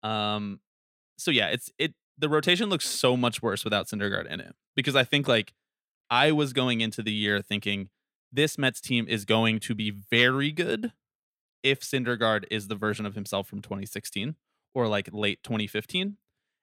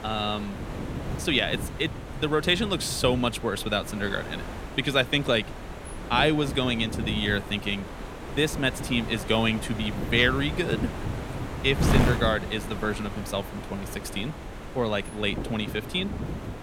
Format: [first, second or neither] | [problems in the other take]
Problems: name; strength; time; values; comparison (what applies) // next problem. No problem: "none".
first | wind noise on the microphone; occasional gusts; 10 dB below the speech